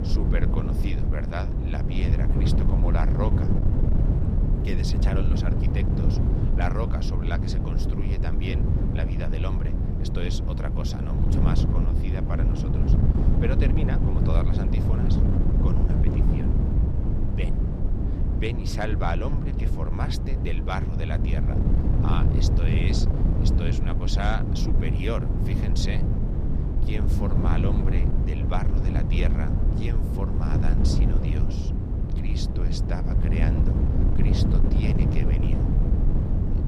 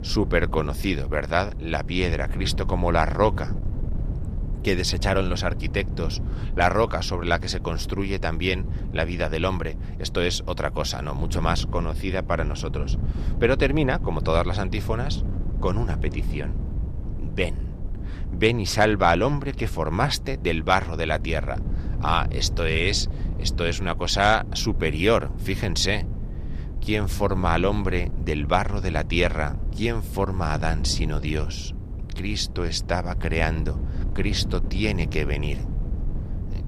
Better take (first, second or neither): second